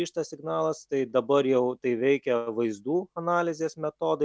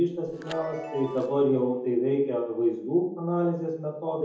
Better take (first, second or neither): first